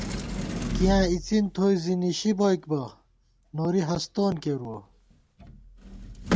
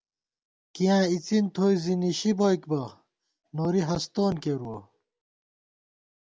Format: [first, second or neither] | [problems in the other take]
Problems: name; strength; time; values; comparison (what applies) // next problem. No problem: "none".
second | background sound (Sliding door); 7 dB below the speech